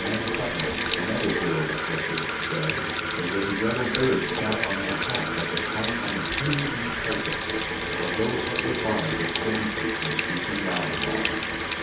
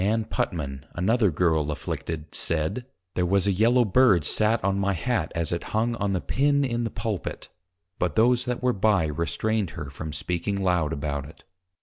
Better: second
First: background sound (Sink (filling or washing) / Water tap, faucet); 2 dB above the speech // room echo; dies away in 0.6 s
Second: none

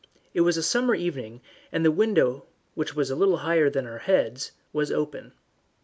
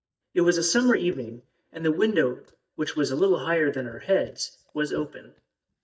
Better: first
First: none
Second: noise reduction (neural mask model DeepFilterNet 3)

